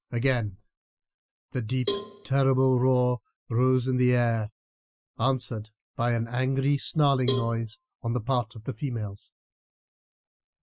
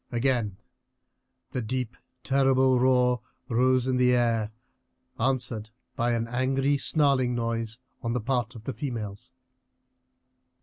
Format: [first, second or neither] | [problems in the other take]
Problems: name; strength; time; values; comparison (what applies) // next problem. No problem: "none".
second | noise reduction (classical method Wiener filter)